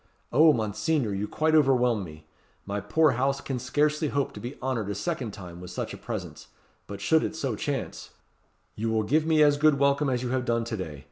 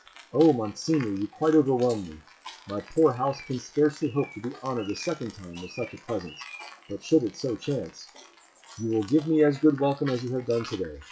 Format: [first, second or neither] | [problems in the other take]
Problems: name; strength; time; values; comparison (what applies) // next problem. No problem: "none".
first | noise reduction (classical method WPE with log-MMSE)